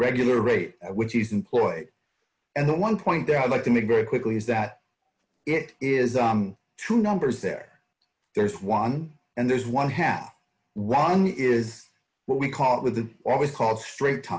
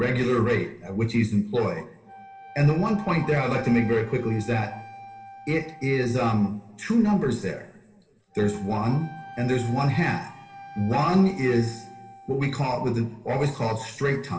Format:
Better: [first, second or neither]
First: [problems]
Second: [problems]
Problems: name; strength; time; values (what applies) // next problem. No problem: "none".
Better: first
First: none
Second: background sound (Wind instrument, woodwind instrument); 19 dB below the speech // room echo; dies away in 1.4 s